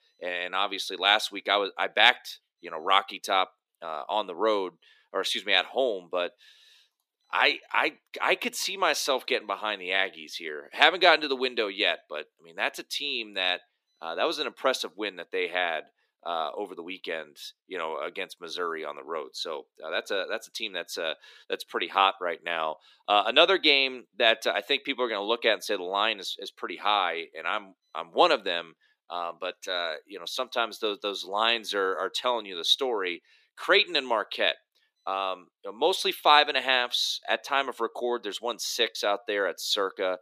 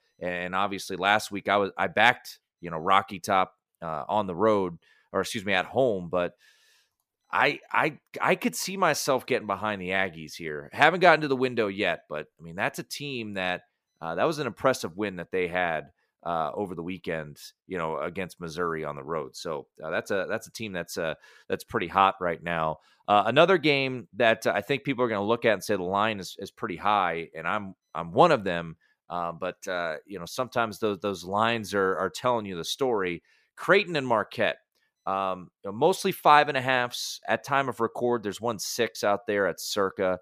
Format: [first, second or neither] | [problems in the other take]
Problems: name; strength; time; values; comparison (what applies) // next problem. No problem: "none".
second | thin; somewhat; fading below 300 Hz